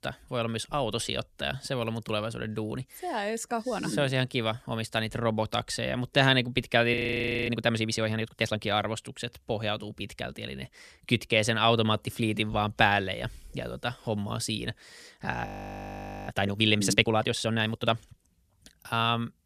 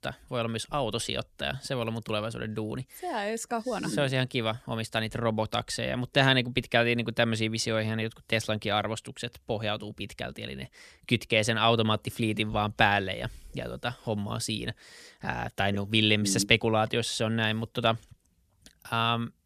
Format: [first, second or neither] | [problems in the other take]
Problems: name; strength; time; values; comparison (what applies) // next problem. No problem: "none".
second | audio freezing; at 7 s for 0.5 s and at 15 s for 1 s